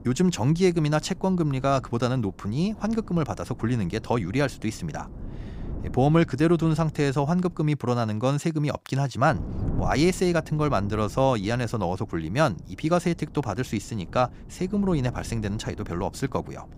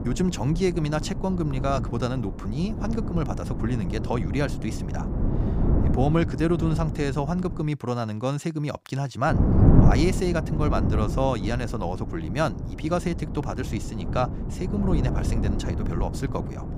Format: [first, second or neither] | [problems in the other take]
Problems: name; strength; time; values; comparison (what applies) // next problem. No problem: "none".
first | wind noise on the microphone; heavy; until 7.5 s and from 9.5 s on; 6 dB below the speech; occasional gusts in the first